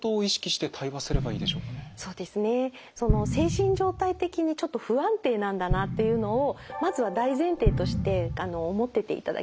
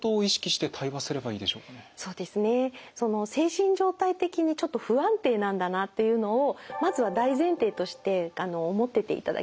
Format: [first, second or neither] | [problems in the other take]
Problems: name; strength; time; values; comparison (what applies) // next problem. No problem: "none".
second | background sound (Explosion); 4 dB below the speech